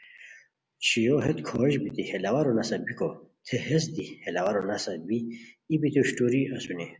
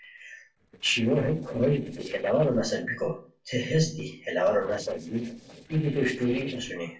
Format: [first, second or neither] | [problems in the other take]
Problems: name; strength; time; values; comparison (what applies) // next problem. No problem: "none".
first | noise reduction (neural separator model SepFormer DNS4)